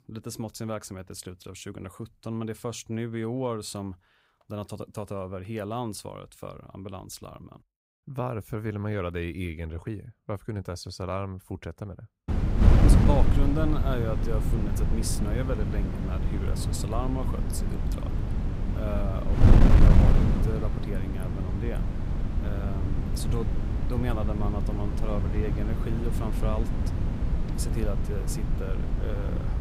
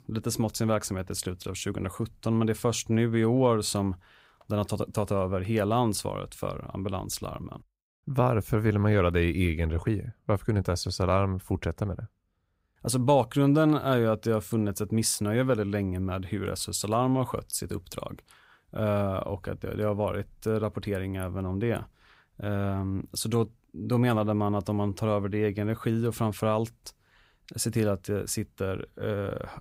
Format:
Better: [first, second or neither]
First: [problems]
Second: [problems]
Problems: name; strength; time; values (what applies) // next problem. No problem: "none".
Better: second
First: wind noise on the microphone; heavy; from 12 s on; as loud as the speech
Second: none